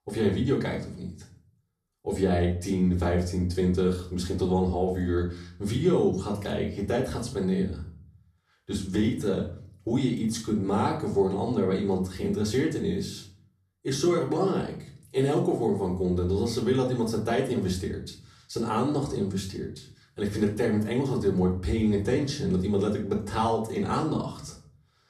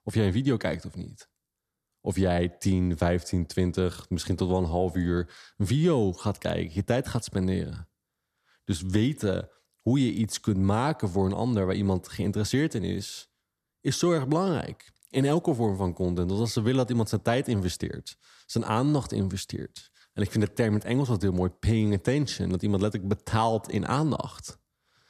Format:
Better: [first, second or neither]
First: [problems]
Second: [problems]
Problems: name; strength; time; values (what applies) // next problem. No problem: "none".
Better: second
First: off-mic speech; far // room echo; slight; dies away in 0.4 s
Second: none